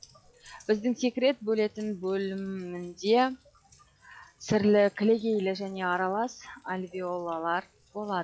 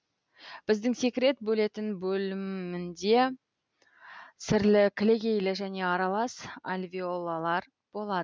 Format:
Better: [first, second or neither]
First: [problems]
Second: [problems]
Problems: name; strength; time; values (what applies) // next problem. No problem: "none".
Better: second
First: noise reduction (classical method log-MMSE)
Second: none